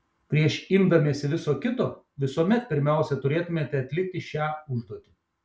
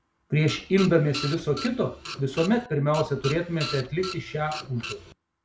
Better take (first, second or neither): first